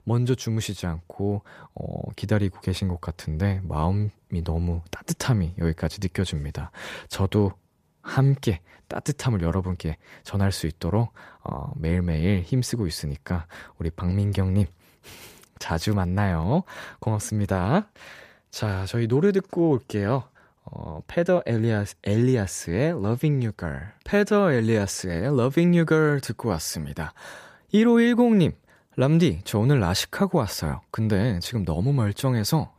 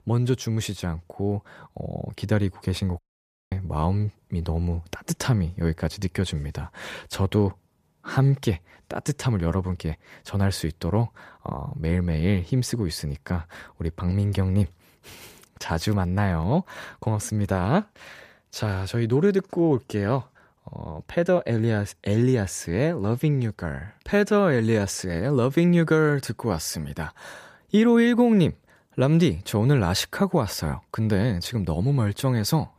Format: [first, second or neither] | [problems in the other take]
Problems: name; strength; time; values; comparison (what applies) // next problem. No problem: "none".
first | audio cutting out; at 3 s for 0.5 s